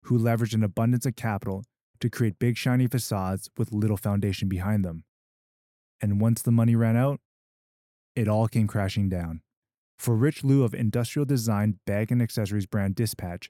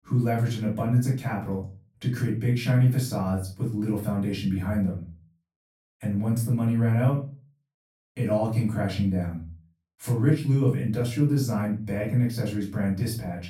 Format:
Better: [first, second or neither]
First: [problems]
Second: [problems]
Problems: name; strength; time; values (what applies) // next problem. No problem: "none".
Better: first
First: none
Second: off-mic speech; far // room echo; slight; dies away in 0.3 s